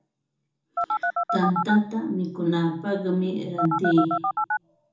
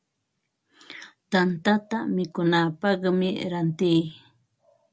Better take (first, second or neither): second